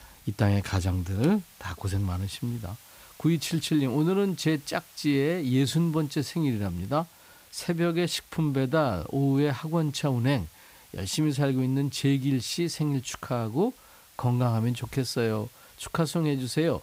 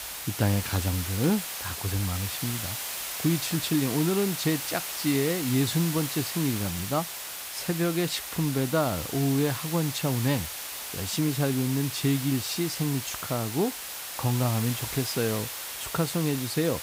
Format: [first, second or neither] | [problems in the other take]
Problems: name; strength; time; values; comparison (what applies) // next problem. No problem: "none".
first | hiss; loud; throughout; 5 dB below the speech; faint in the first